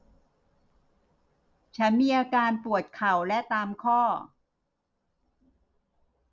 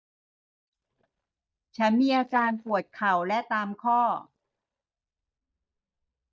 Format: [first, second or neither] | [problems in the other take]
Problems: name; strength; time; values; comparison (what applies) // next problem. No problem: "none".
first | noise reduction (neural mask model DeepFilterNet 3)